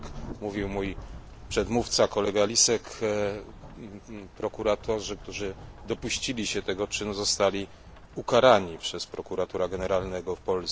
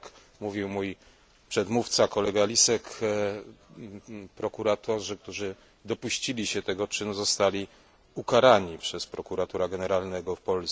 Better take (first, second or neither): second